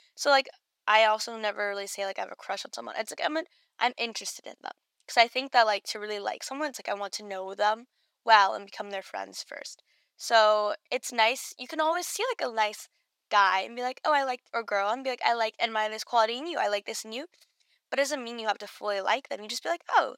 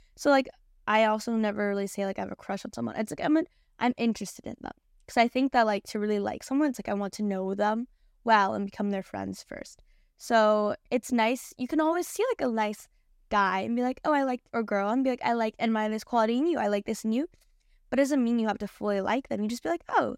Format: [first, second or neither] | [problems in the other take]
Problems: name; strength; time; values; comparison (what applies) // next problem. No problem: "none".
second | thin; very; fading below 750 Hz